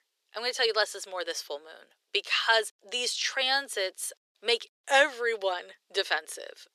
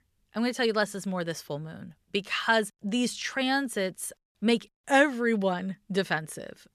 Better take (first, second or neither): second